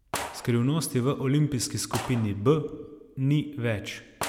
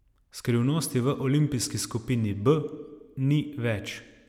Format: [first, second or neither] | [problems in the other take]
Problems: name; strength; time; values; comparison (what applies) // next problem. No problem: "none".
second | background sound (Gunshot, gunfire); 13 dB below the speech